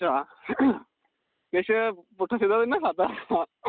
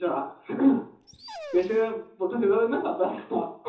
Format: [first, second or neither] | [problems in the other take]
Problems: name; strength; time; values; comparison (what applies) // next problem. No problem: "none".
first | background sound (Dog); 17 dB below the speech // room echo; dies away in 0.7 s